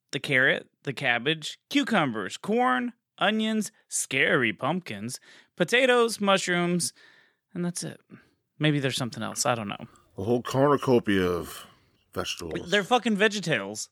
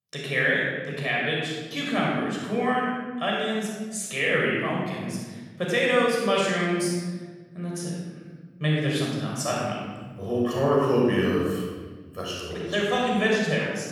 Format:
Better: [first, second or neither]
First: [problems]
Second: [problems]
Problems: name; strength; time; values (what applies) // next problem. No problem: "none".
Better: first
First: none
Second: off-mic speech; far // room echo; strong; dies away in 1.4 s